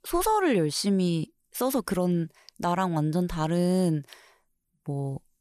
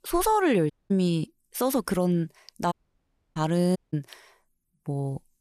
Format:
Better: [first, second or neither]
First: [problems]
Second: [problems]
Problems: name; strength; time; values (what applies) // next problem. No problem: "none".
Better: first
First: none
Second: audio cutting out; at 0.5 s, at 2.5 s for 0.5 s and at 4 s